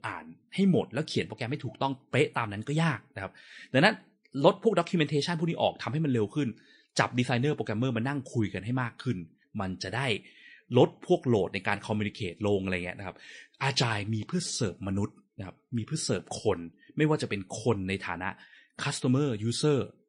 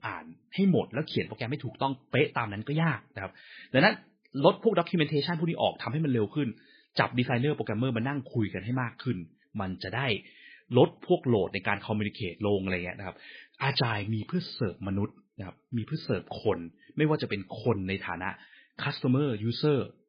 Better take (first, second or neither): first